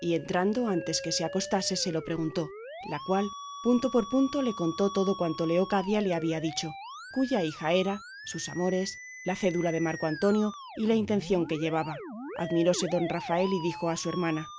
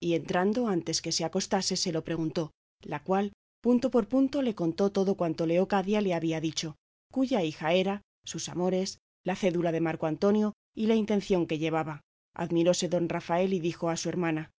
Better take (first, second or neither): second